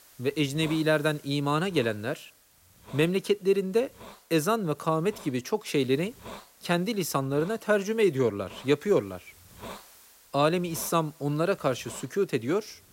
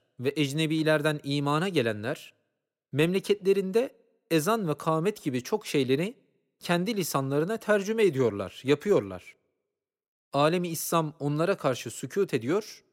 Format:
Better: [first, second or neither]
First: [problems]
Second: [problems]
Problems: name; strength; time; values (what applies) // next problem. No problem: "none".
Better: second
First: hiss; faint; throughout; 20 dB below the speech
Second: none